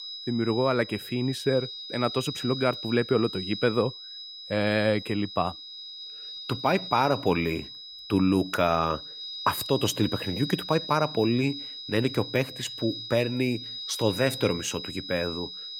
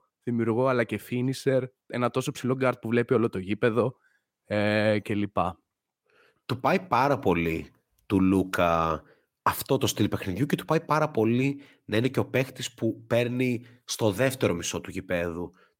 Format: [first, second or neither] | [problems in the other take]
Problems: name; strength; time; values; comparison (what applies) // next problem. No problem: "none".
second | high-pitched whine; loud; throughout; 4 kHz, 9 dB below the speech